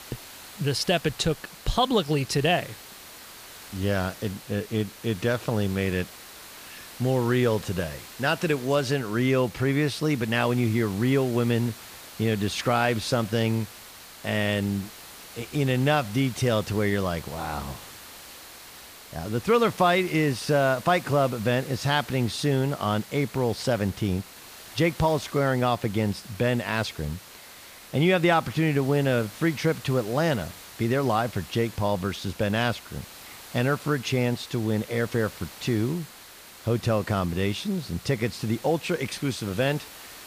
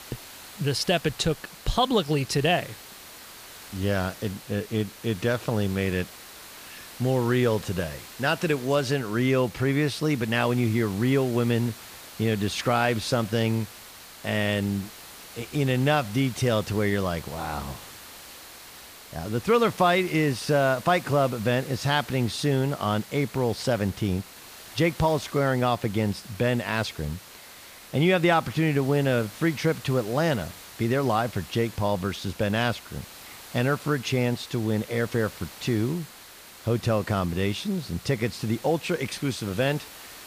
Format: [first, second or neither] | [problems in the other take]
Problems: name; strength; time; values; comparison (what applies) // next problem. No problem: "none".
neither | hiss; noticeable; throughout; 15 dB below the speech; the same in both